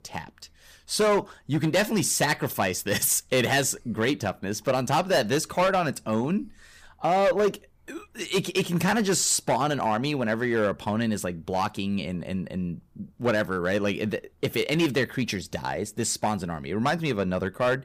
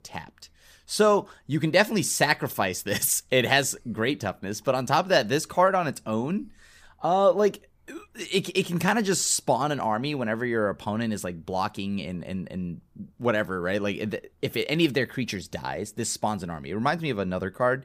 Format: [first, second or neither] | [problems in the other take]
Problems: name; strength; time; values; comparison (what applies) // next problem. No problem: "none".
second | distortion; slight; 6% of the sound clipped